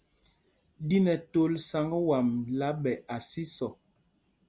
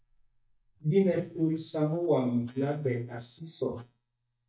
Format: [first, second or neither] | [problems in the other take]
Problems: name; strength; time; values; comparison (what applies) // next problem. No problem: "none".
first | noise reduction (neural mask model DeepFilterNet 3)